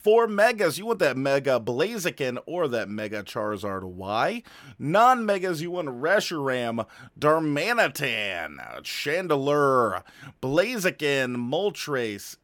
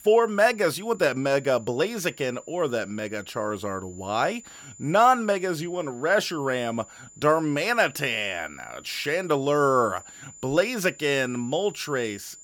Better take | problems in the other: first | high-pitched whine; faint; throughout; 7 kHz, 20 dB below the speech

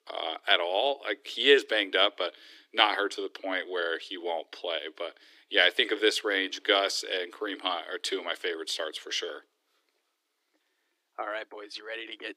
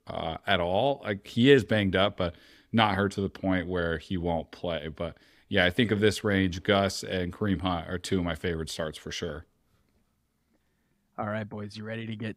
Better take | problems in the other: second | thin; very; fading below 300 Hz

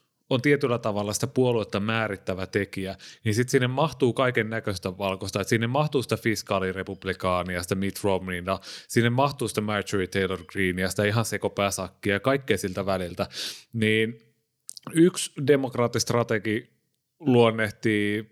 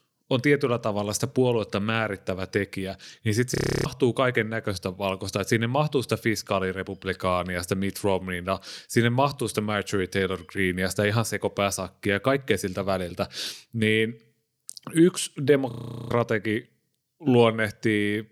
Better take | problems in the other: first | audio freezing; at 3.5 s and at 16 s

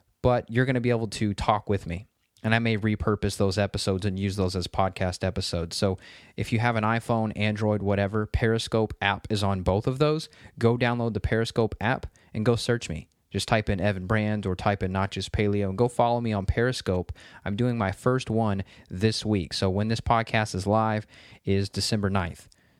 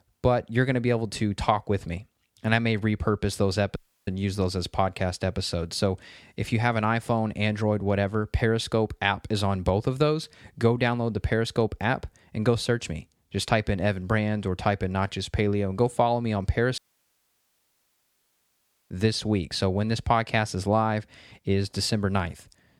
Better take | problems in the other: first | audio cutting out; at 4 s and at 17 s for 2 s

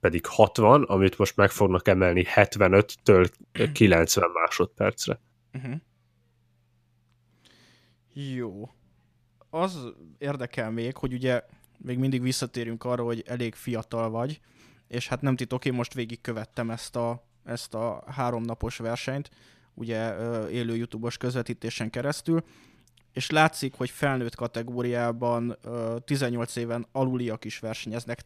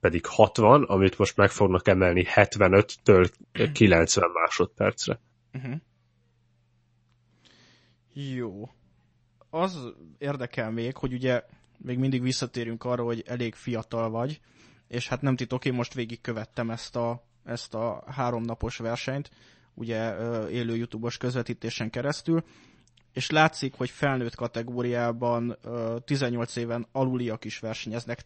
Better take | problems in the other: first | garbled, watery; slightly; nothing above 8 kHz

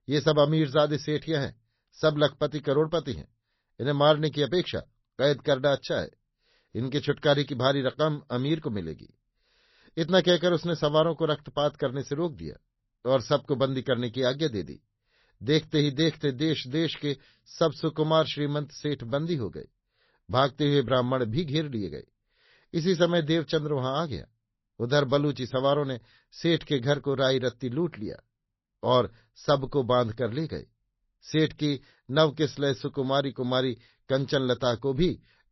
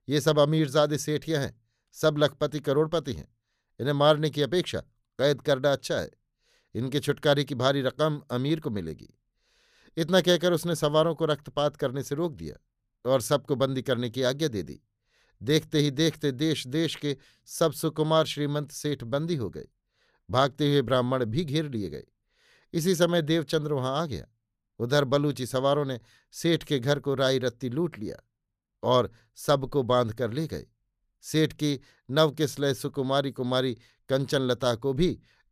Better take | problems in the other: second | garbled, watery; slightly; nothing above 5.5 kHz

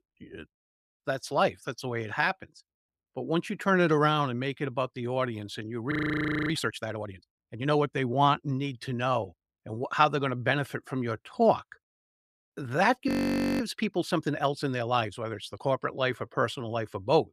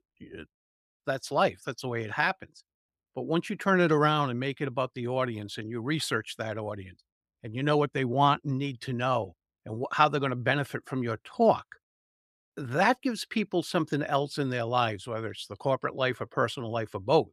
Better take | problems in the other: second | audio freezing; at 6 s for 0.5 s and at 13 s for 0.5 s

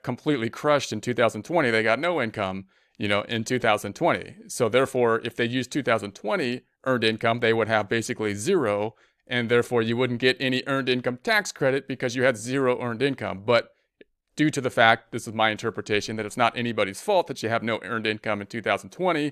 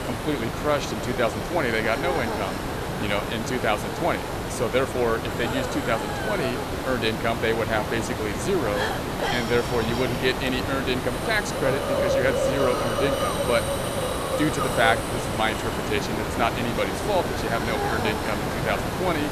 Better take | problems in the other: first | hiss; loud; throughout; 1 dB below the speech

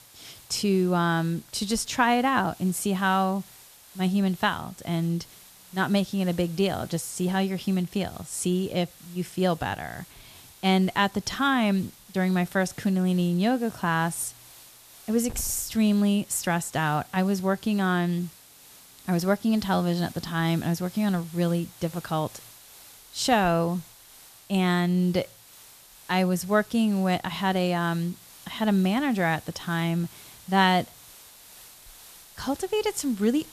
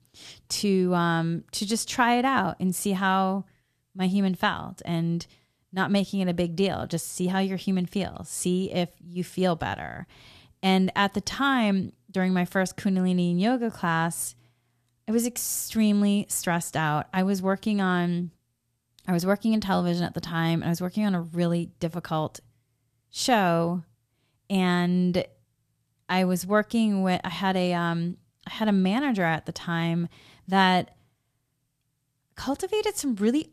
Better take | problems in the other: second | hiss; faint; throughout; 20 dB below the speech

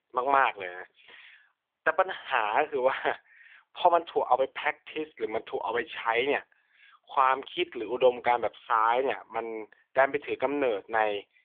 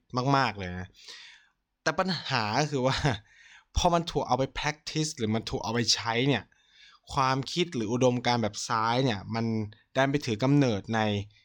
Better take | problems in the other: second | phone-call audio; poor line; nothing above 3.5 kHz

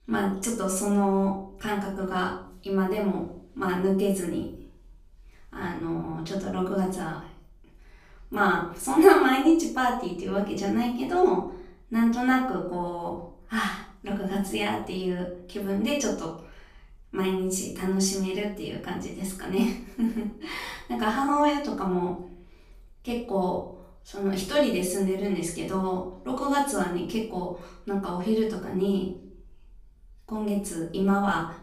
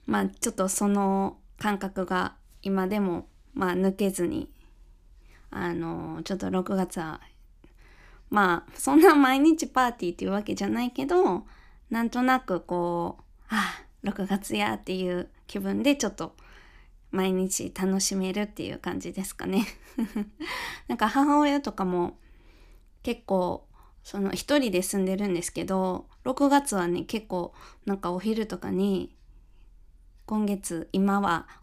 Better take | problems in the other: second | off-mic speech; far // room echo; noticeable; dies away in 0.4 s

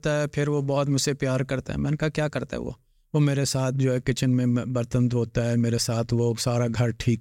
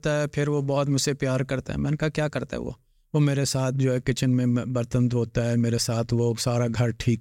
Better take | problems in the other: neither | none

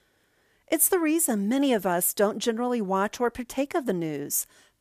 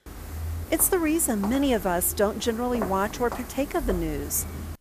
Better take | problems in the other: first | footsteps; noticeable; peak 8 dB below the speech

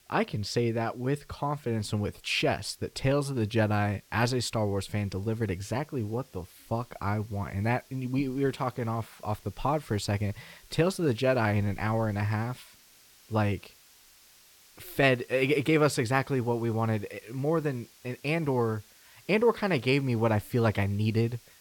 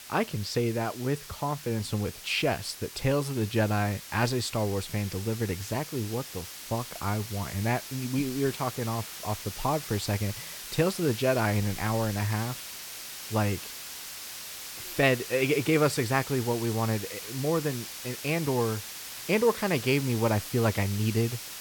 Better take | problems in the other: first | hiss; loud; throughout; 9 dB below the speech; faint in the first

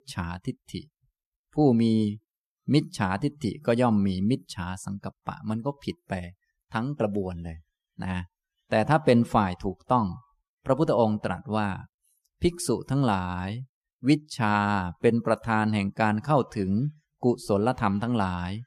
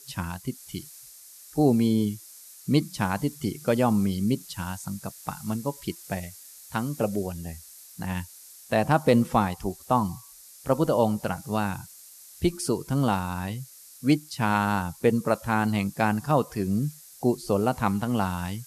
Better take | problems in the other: first | hiss; noticeable; throughout; 20 dB below the speech

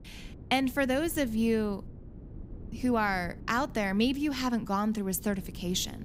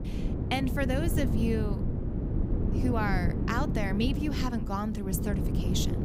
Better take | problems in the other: first | wind noise on the microphone; heavy; 6 dB below the speech; occasional gusts in the first

